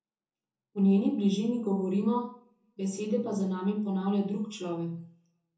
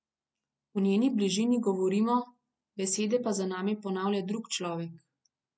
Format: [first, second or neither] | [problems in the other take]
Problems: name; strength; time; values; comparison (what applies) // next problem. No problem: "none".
second | room echo; dies away in 1 s